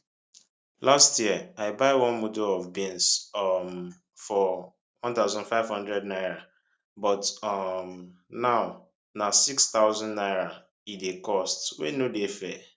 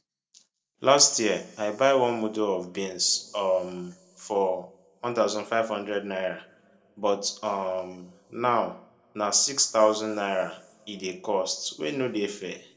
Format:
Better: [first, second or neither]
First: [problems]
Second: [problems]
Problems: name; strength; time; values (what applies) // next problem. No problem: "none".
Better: first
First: none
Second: room echo; dies away in 2 s